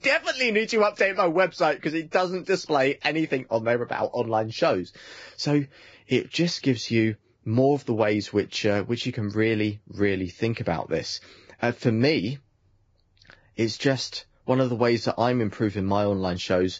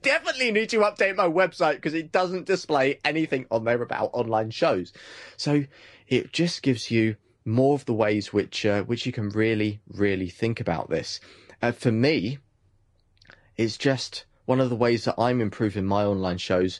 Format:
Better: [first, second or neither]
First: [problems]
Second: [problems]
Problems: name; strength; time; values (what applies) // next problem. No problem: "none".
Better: second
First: garbled, watery; badly; nothing above 7.5 kHz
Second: garbled, watery; slightly; nothing above 10 kHz